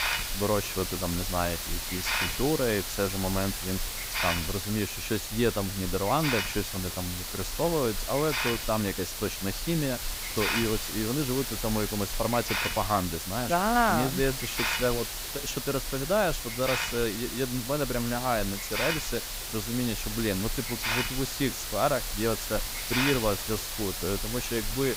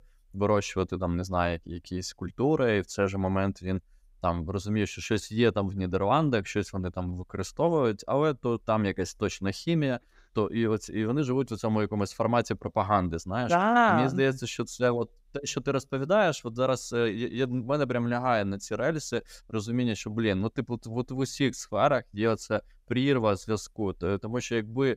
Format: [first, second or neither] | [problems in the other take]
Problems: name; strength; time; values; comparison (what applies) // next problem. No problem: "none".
second | hiss; loud; throughout; 1 dB below the speech